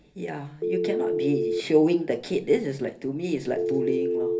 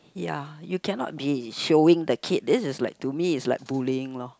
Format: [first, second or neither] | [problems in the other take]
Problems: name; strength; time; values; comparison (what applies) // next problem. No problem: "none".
second | background sound (Telephone); 3 dB below the speech // room echo; dies away in 0.3 s